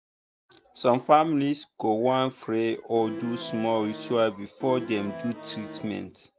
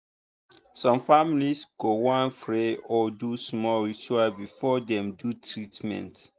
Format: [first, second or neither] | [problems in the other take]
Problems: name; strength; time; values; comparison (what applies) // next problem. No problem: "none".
second | background sound (Accordion); 11 dB below the speech